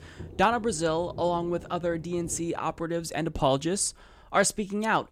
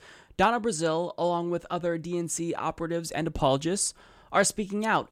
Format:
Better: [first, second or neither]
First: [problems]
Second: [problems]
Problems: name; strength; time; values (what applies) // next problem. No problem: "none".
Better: second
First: rain or running water; noticeable; throughout; 20 dB below the speech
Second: none